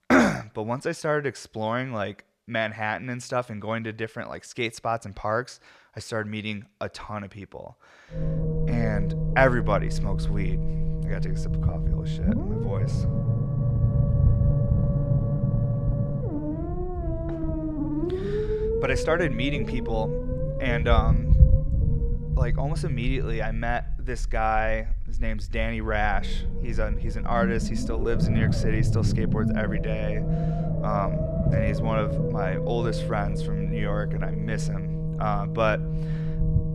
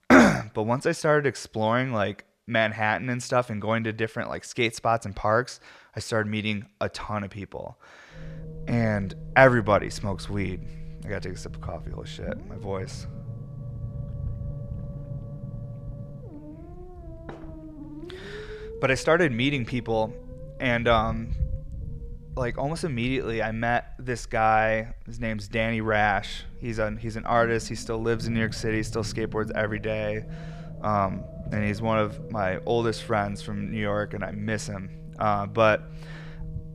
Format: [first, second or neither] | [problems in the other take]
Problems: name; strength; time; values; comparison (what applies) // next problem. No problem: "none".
second | low rumble; loud; from 8 s on; 6 dB below the speech; faint in the second